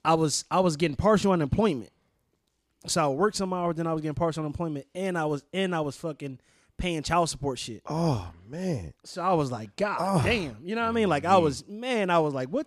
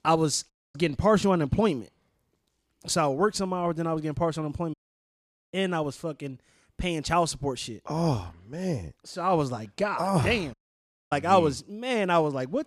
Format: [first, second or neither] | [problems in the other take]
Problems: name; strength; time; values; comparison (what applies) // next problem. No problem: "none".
first | audio cutting out; at 0.5 s, at 4.5 s for 1 s and at 11 s for 0.5 s